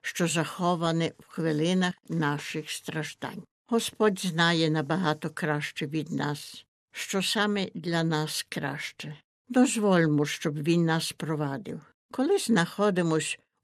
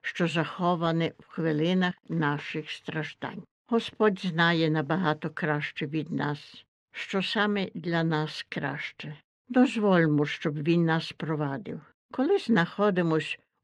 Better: first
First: none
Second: muffled; slightly; fading above 2.5 kHz

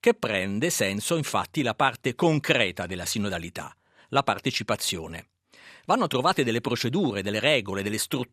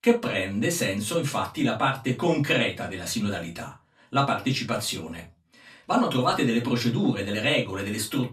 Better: first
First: none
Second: off-mic speech; far // room echo; very slight; dies away in 0.2 s

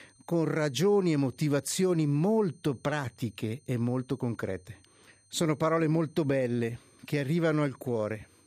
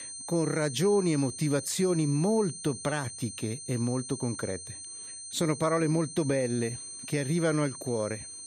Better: first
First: high-pitched whine; faint; throughout; 8.5 kHz, 30 dB below the speech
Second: high-pitched whine; loud; throughout; 8.5 kHz, 9 dB below the speech

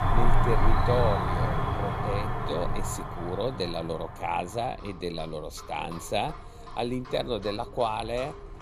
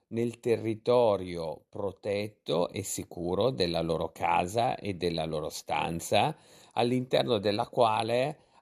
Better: second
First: animal sounds; very loud; throughout; 3 dB above the speech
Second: none

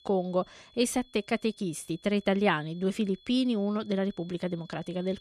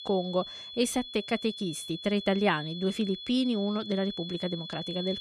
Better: first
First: high-pitched whine; faint; throughout; 3.5 kHz, 25 dB below the speech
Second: high-pitched whine; loud; throughout; 3.5 kHz, 9 dB below the speech

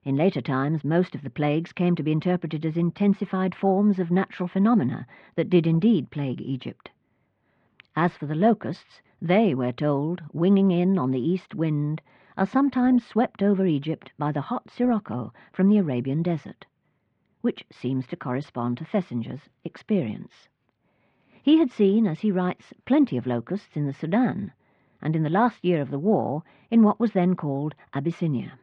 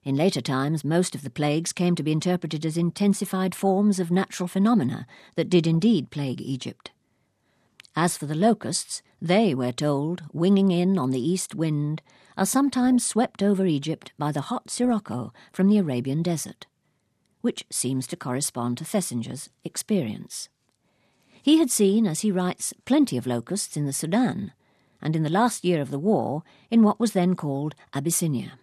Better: second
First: muffled; very; fading above 3 kHz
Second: none

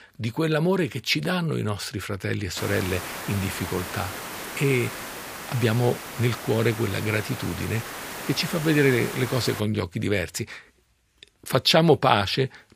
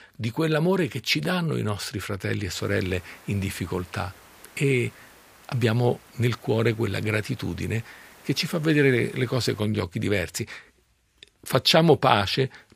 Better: second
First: hiss; loud; from 2.5 to 9.5 s; 9 dB below the speech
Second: hiss; faint; from 2.5 to 9.5 s; 25 dB below the speech

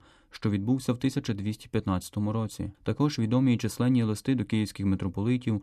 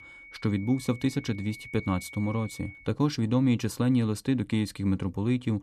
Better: first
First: none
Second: high-pitched whine; noticeable; until 3 s; 2 kHz, 15 dB below the speech

